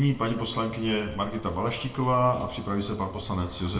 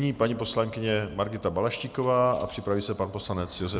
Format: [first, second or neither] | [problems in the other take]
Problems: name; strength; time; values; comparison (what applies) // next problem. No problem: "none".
second | background sound (Boiling); 19 dB below the speech // room echo; dies away in 0.6 s